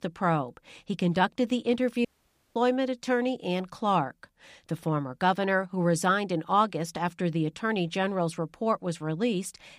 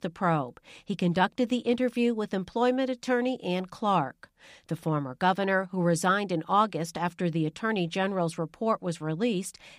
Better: second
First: audio cutting out; at 2 s for 0.5 s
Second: none

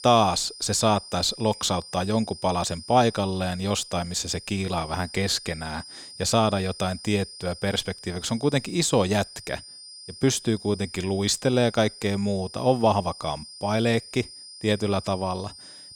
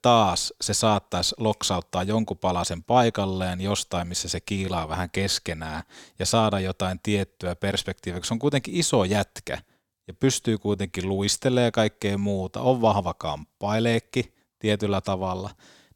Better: second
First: high-pitched whine; noticeable; throughout; 5 kHz, 15 dB below the speech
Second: none

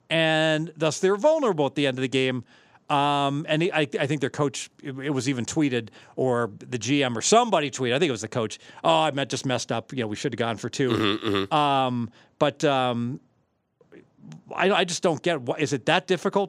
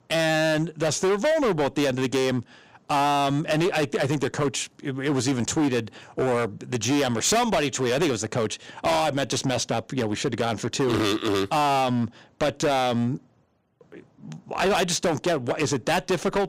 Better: first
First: none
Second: distortion; heavy; 16% of the sound clipped

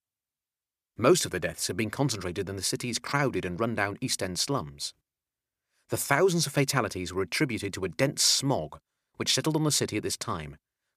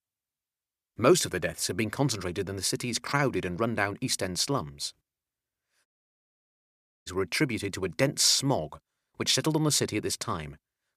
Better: first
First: none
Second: audio cutting out; at 6 s for 1 s

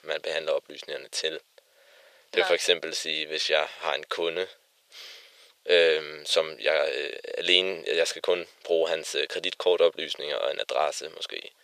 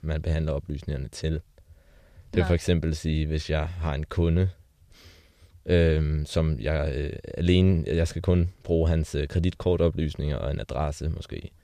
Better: second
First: thin; very; fading below 500 Hz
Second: none

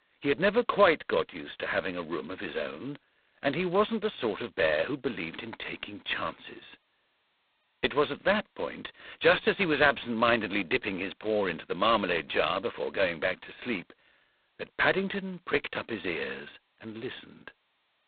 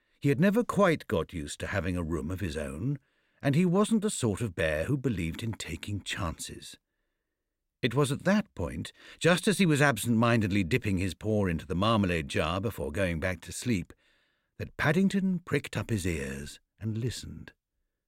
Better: second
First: phone-call audio; poor line; nothing above 4 kHz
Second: none

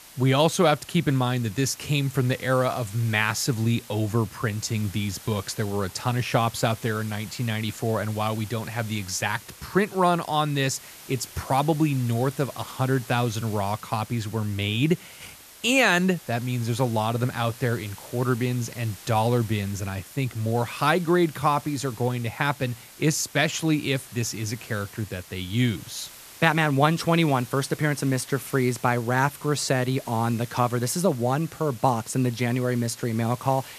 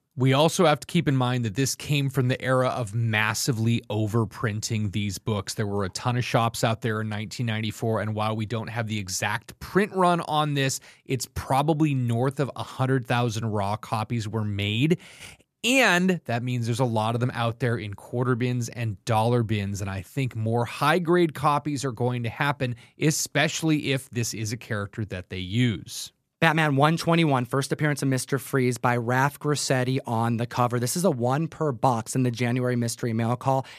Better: second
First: hiss; noticeable; throughout; 20 dB below the speech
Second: none

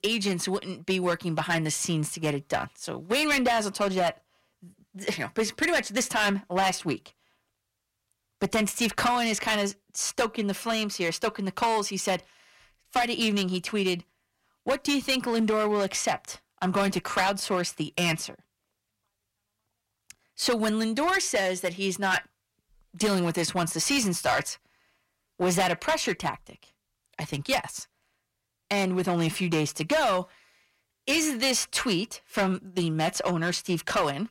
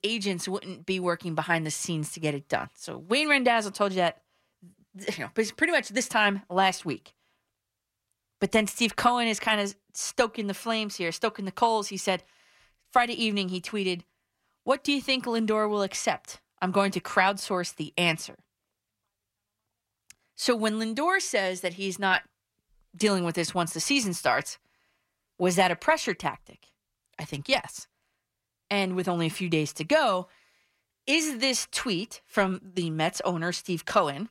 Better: second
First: distortion; heavy; 7% of the sound clipped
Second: none

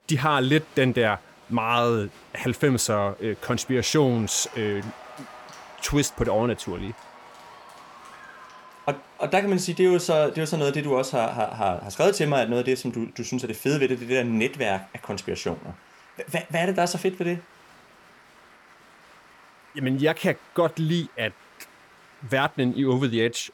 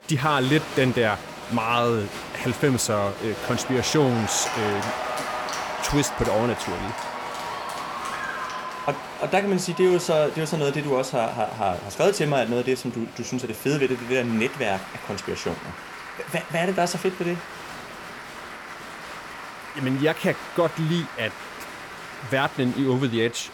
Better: first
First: crowd noise; faint; throughout; 25 dB below the speech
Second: crowd noise; loud; throughout; 9 dB below the speech

